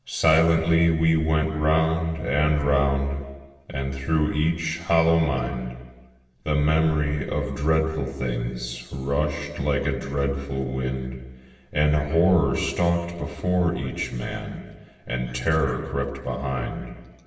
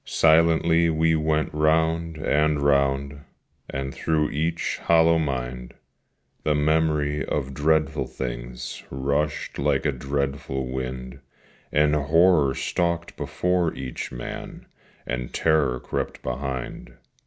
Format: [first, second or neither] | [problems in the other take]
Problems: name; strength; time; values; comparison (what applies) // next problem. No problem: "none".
second | room echo; dies away in 1.3 s